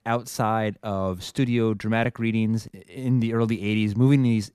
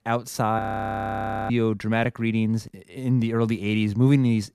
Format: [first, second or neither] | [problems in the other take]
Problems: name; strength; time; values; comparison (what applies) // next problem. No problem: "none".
first | audio freezing; at 0.5 s for 1 s